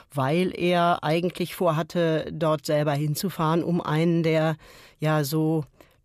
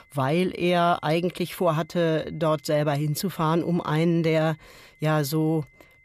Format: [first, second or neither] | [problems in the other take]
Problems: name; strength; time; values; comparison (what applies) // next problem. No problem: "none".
first | high-pitched whine; faint; throughout; 2 kHz, 30 dB below the speech